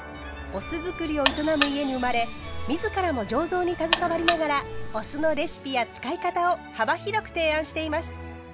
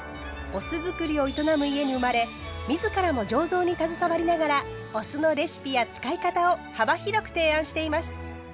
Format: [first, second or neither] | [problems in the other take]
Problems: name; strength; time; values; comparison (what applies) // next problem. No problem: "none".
second | background sound (Alarm); 5 dB below the speech